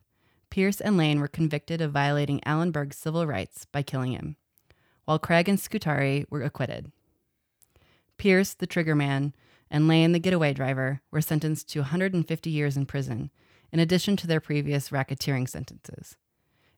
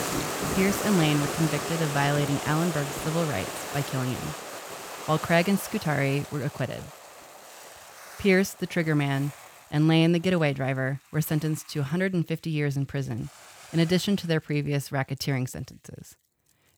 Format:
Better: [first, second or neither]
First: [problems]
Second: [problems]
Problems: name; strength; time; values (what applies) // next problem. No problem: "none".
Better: first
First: none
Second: hiss; loud; throughout; 7 dB below the speech